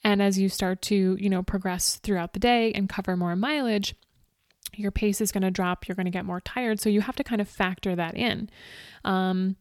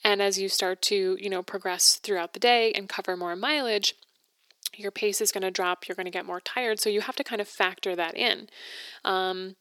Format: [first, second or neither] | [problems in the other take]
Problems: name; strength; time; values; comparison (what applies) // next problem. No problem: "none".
first | thin; very; fading below 350 Hz